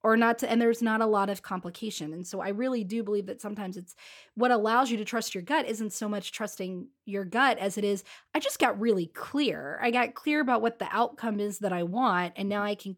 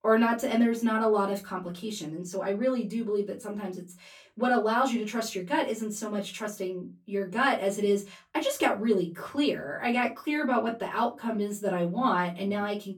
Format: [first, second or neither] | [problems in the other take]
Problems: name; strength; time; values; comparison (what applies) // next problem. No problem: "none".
first | off-mic speech; far // room echo; very slight; dies away in 0.2 s